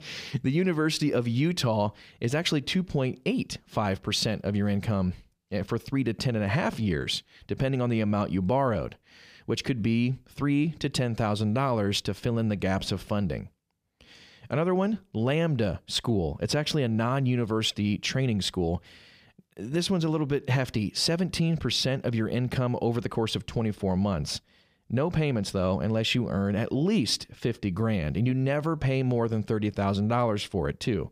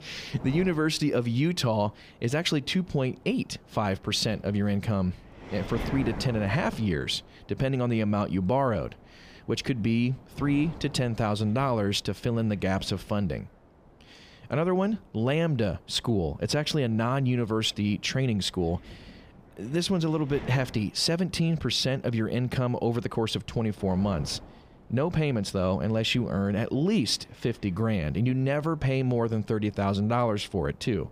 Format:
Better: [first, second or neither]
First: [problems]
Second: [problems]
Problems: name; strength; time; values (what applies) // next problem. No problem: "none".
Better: first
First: none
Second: wind noise on the microphone; occasional gusts; 20 dB below the speech